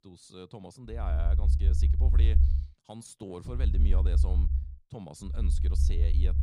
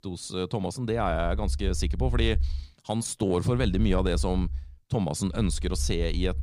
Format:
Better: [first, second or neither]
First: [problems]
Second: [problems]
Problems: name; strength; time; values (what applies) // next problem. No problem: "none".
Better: second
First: low rumble; loud; from 1 to 2.5 s, from 3.5 to 4.5 s and from 5.5 s on; 2 dB below the speech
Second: low rumble; faint; from 1 to 2.5 s, from 3.5 to 4.5 s and from 5.5 s on; 20 dB below the speech